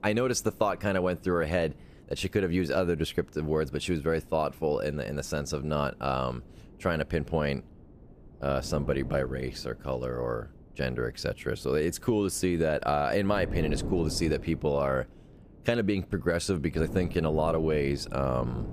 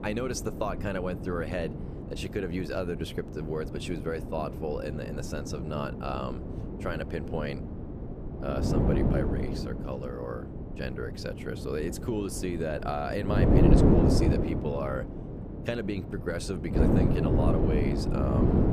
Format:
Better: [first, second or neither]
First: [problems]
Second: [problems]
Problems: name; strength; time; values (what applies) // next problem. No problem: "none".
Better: first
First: wind noise on the microphone; occasional gusts; 20 dB below the speech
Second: wind noise on the microphone; heavy; 1 dB below the speech